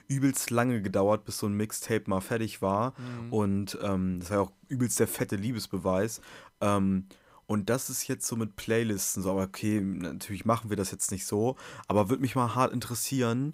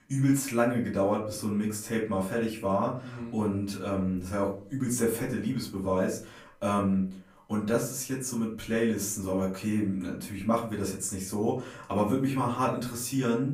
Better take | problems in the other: first | off-mic speech; far // room echo; slight; dies away in 0.3 s

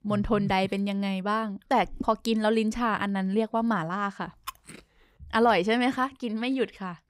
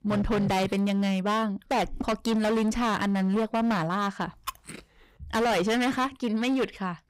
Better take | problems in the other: first | distortion; heavy; 22% of the sound clipped

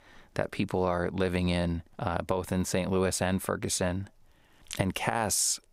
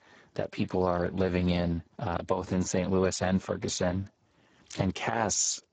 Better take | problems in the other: first | garbled, watery; badly; nothing above 7.5 kHz

